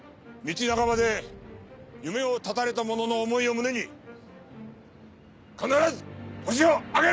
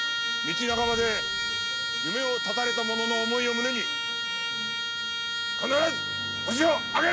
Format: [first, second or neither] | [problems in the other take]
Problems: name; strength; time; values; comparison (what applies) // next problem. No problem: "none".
first | background sound (Trumpet); as loud as the speech